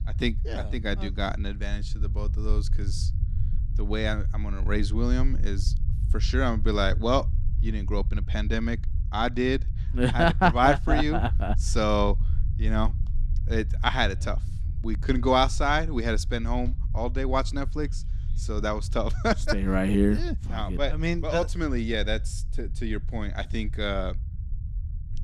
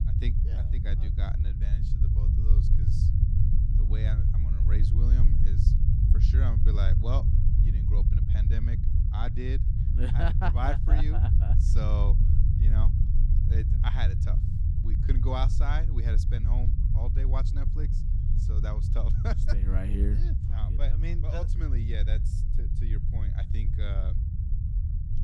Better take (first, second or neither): first